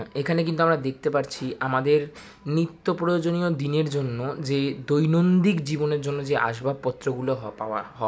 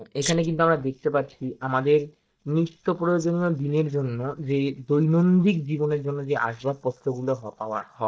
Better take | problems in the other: first | noise reduction (neural mask model DeepFilterNet 3)

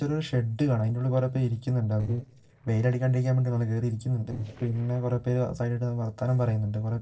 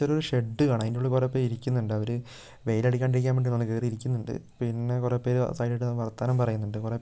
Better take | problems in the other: second | noise reduction (neural separator model SepFormer DNS4)

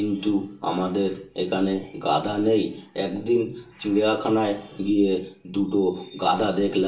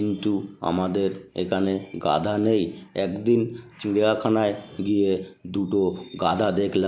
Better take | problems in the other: second | room echo; dies away in 0.3 s

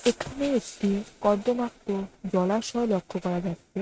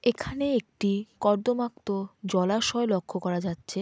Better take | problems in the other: second | noise reduction (neural mask model RNNoise)

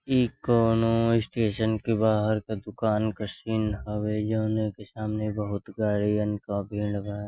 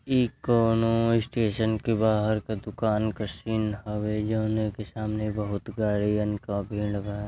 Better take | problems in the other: second | noise reduction (classical method Wiener filter)

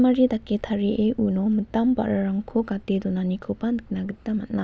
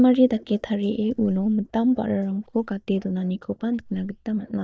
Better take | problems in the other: first | noise reduction (neural mask model DeepFilterNet 3)

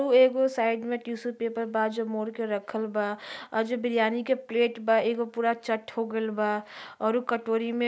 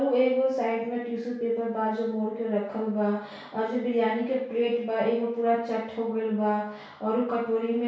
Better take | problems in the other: first | room echo; dies away in 0.6 s

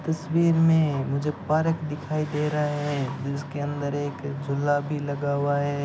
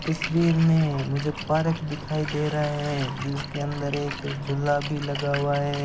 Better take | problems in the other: first | background sound (Splash, splatter); 12 dB below the speech

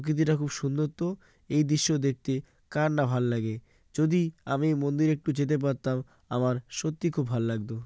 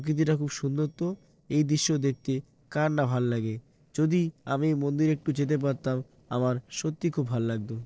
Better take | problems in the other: first | noise reduction (neural separator model SepFormer DNS4)

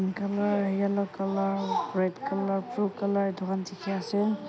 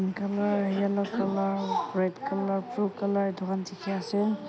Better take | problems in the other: first | background sound (Cough); 9 dB below the speech

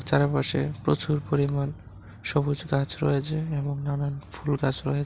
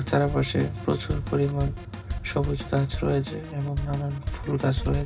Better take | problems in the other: first | background sound (Drum kit); 8 dB below the speech // room echo; dies away in 0.4 s

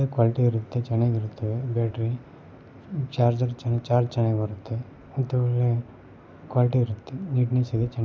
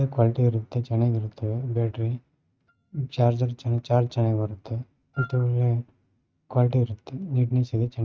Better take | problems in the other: first | noise reduction (neural mask model RNNoise)

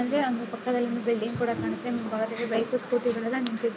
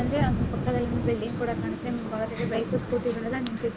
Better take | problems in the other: first | background sound (Thunder); 2 dB below the speech

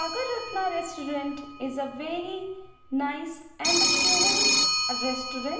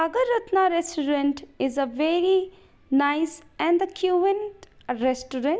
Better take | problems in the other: second | background sound (Telephone); 4 dB above the speech // room echo; dies away in 0.8 s

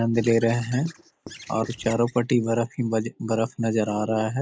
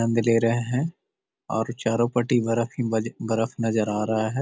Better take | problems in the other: second | noise reduction (neural mask model Resemble Enhance denoiser)

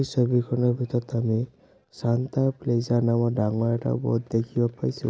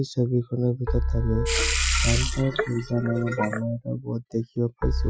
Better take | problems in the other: first | noise reduction (classical method Wiener filter)

